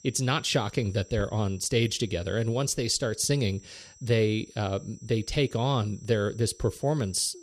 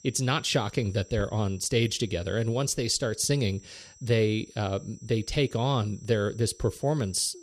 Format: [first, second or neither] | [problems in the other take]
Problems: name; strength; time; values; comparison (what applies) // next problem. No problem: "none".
neither | high-pitched whine; faint; throughout; 6 kHz, 25 dB below the speech; the same in both